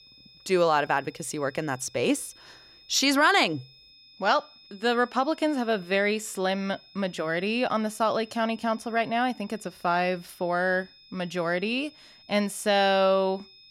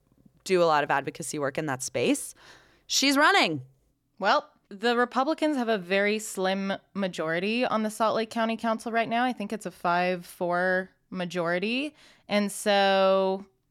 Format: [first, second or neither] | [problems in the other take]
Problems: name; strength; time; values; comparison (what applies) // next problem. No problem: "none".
second | high-pitched whine; faint; throughout; 5 kHz, 25 dB below the speech